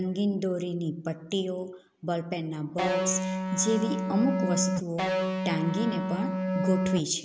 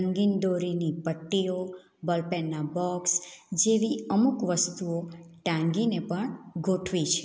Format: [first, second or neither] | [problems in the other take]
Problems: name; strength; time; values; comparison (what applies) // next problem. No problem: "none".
second | background sound (Electric guitar); 1 dB above the speech